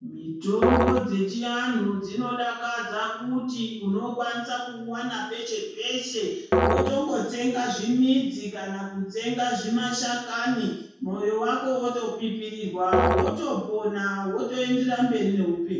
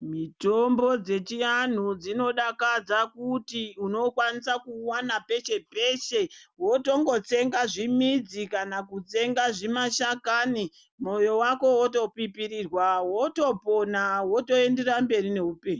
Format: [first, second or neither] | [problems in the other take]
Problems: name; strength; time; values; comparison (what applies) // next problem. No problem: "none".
second | background sound (Musical instrument); 2 dB below the speech // room echo; dies away in 0.6 s